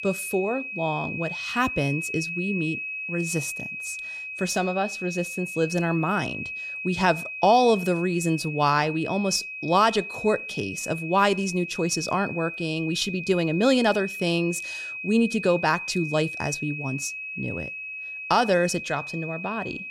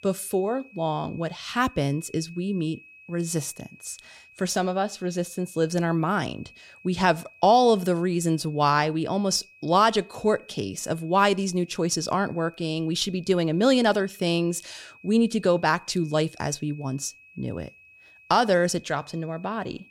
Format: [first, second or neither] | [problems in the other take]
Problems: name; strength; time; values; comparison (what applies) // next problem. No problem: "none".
second | high-pitched whine; loud; throughout; 2.5 kHz, 7 dB below the speech; faint in the second